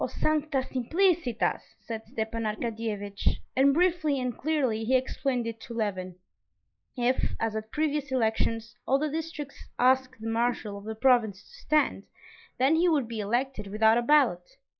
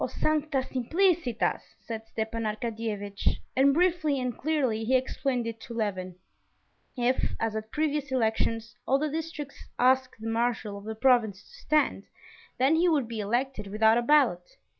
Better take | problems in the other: second | noise reduction (neural mask model Resemble Enhance denoiser)

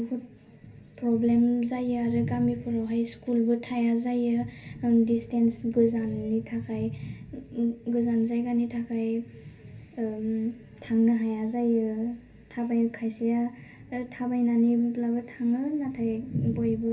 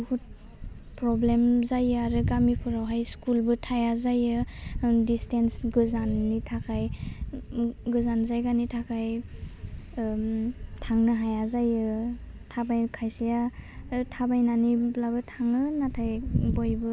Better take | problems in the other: second | room echo; dies away in 0.3 s

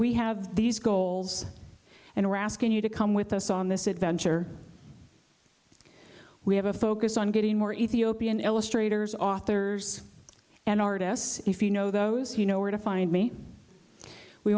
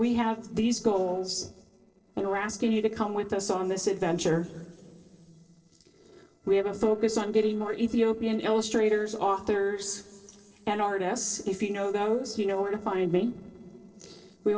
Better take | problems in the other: first | noise reduction (neural separator model SepFormer DNS4)

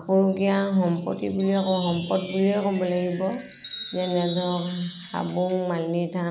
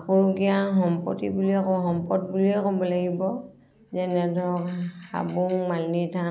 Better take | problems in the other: second | background sound (Wind chime); 17 dB below the speech

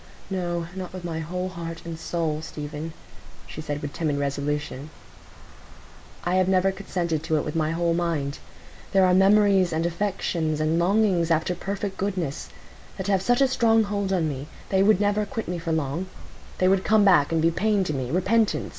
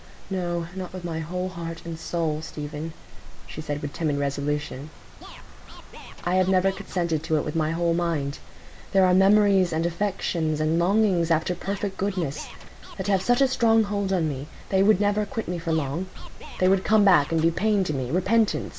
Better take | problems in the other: first | background sound (Scratching (performance technique)); 19 dB below the speech

